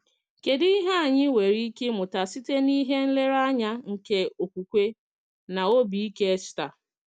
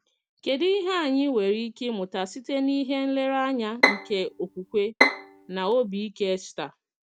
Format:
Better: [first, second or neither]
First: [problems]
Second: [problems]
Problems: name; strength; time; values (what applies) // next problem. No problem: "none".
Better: first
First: none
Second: background sound (Bowed string instrument); as loud as the speech